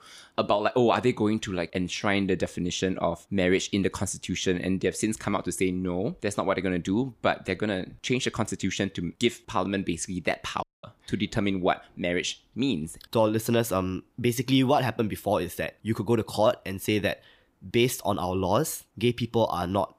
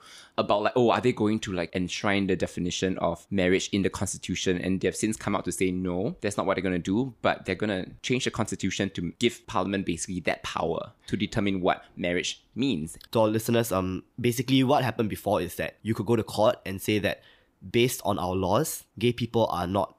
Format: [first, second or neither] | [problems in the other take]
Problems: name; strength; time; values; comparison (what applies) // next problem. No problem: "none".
second | audio cutting out; at 11 s